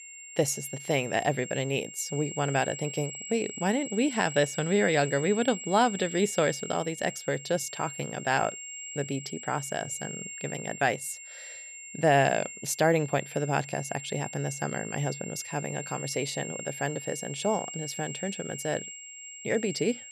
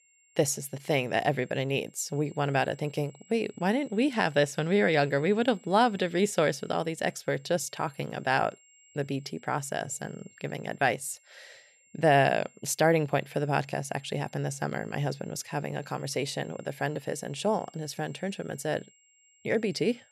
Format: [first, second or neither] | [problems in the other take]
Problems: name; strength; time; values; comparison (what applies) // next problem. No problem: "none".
second | high-pitched whine; loud; throughout; 7.5 kHz, 9 dB below the speech; faint in the second